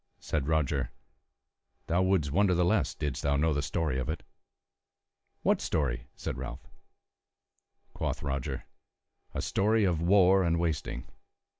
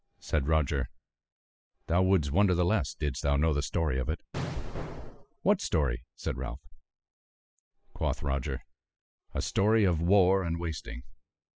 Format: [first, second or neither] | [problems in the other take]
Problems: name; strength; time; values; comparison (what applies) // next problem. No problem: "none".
first | noise reduction (classical method spectral subtraction)